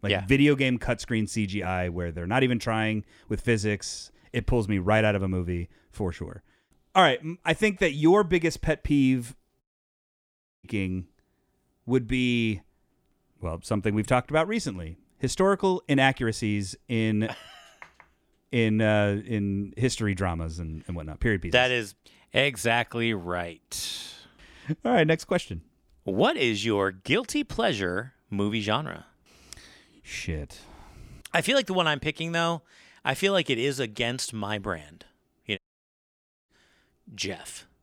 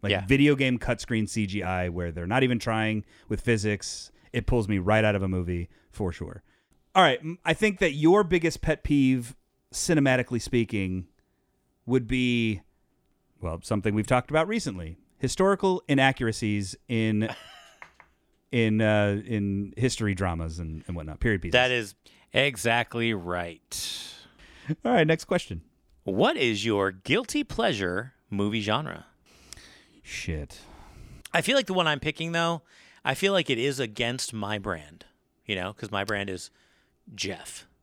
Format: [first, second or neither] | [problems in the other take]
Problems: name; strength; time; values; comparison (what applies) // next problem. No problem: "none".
second | audio cutting out; at 9.5 s for 1 s and at 36 s for 1 s